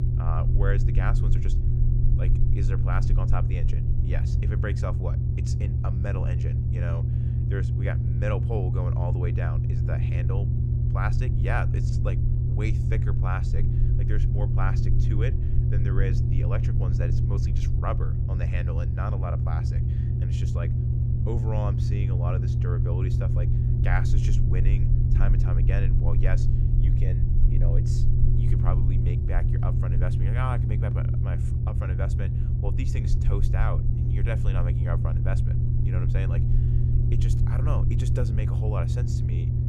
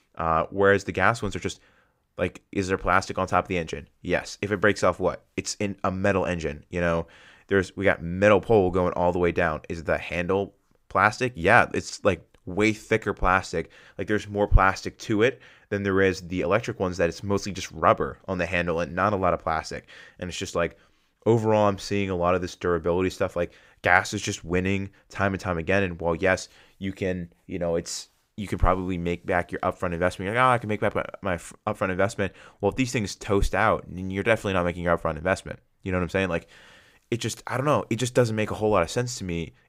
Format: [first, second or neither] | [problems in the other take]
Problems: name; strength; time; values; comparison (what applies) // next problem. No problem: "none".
second | low rumble; loud; throughout; 1 dB below the speech